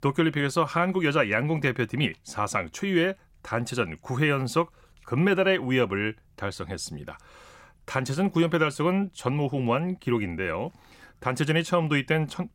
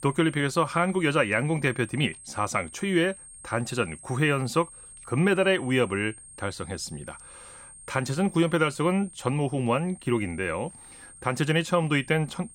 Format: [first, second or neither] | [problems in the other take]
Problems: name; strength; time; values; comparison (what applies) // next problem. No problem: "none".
first | high-pitched whine; noticeable; throughout; 8.5 kHz, 20 dB below the speech